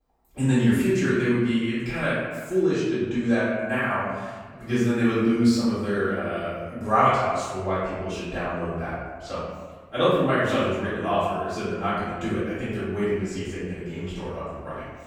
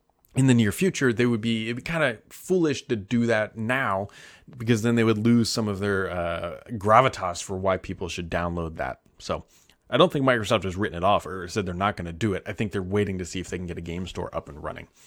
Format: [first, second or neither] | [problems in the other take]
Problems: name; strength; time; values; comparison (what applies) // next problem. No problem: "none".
second | off-mic speech; far // room echo; strong; dies away in 1.3 s